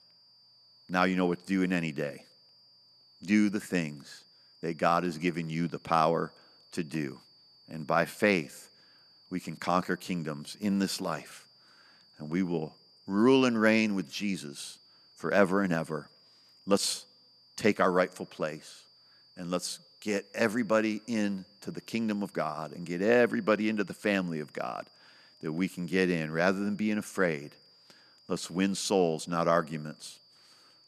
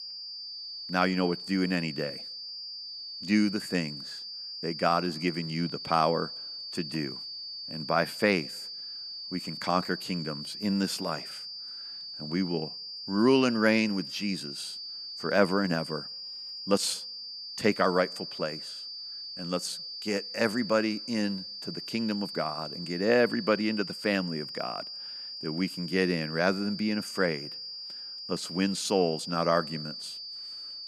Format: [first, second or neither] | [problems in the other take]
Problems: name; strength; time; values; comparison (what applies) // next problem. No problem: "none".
first | high-pitched whine; loud; throughout; 4.5 kHz, 8 dB below the speech; faint in the first